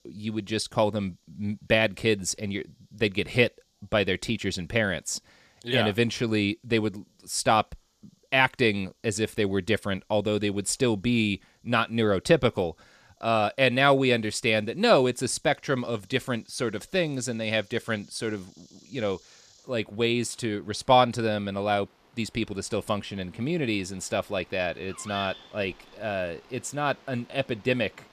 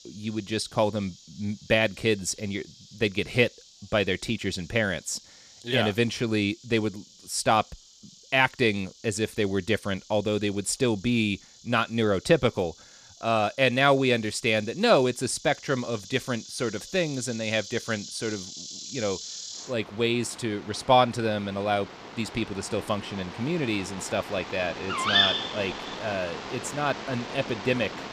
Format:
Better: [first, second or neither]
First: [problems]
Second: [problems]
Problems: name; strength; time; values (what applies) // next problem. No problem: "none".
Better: first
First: animal sounds; faint; throughout; 25 dB below the speech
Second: animal sounds; loud; throughout; 7 dB below the speech